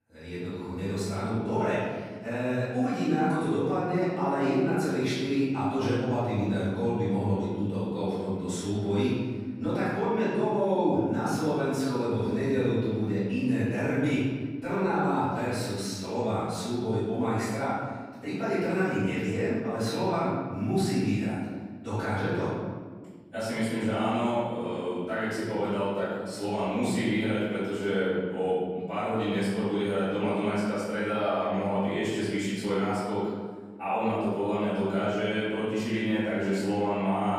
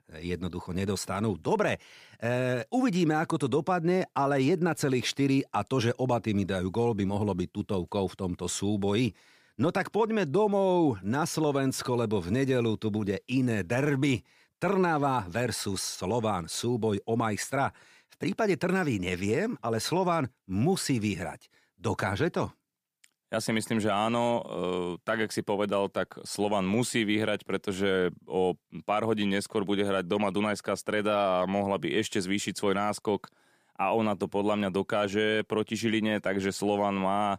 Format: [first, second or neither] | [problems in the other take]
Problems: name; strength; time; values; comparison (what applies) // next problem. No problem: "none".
second | room echo; strong; dies away in 1.6 s // off-mic speech; far